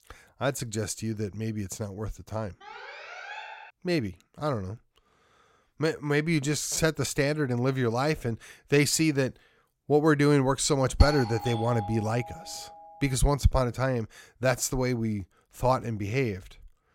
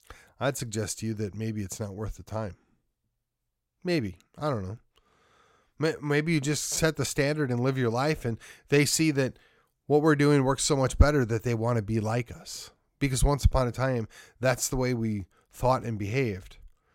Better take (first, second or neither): second